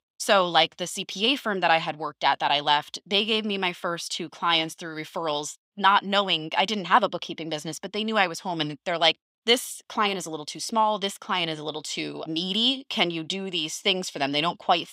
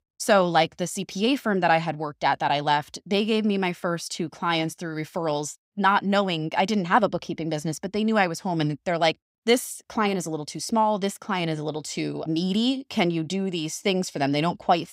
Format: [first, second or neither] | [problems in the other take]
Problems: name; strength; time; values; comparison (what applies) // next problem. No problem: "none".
second | thin; very slightly; fading below 300 Hz